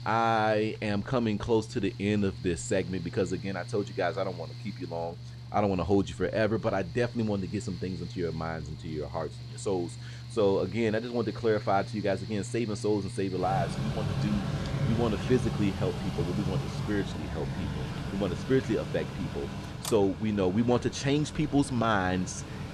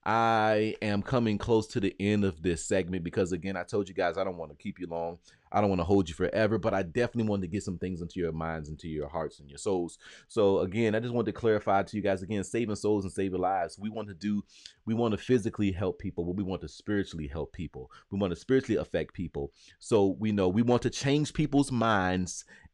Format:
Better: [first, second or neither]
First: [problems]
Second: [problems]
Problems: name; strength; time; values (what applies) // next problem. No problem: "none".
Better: second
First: machinery noise; loud; throughout; 7 dB below the speech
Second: none